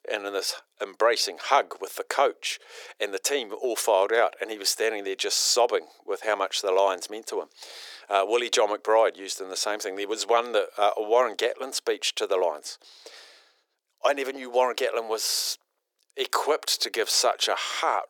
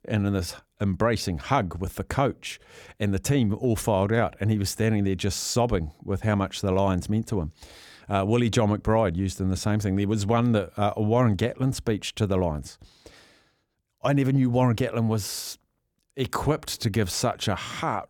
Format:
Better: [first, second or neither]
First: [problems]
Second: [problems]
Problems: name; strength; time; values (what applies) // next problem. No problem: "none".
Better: second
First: thin; very; fading below 400 Hz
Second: none